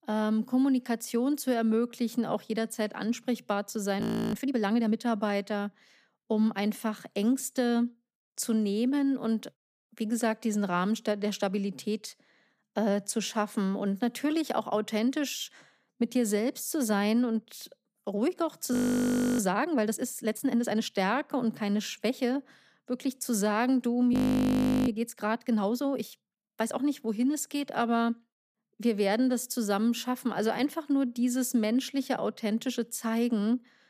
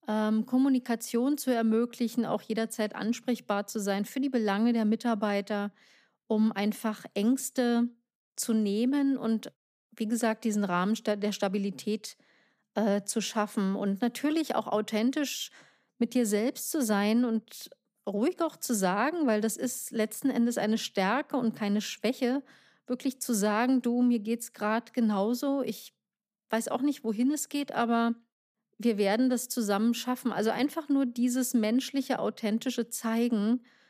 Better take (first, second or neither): second